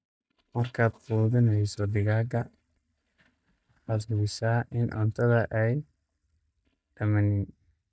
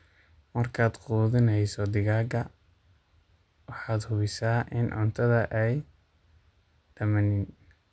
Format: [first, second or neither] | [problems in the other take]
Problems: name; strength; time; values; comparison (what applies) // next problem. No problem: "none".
second | noise reduction (neural mask model DeepFilterNet 3)